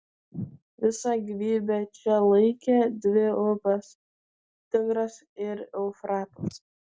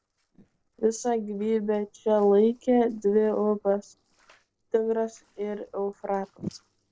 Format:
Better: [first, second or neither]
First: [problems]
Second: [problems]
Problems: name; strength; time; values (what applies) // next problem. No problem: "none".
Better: first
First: none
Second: noise reduction (neural separator model SepFormer DNS4)